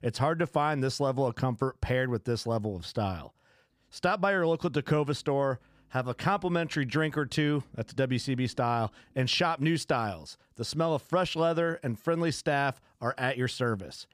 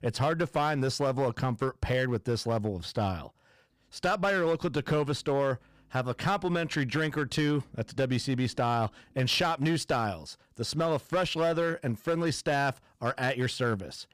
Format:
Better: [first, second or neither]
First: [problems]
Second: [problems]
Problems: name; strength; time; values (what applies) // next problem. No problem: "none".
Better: first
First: none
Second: distortion; slight; 7% of the sound clipped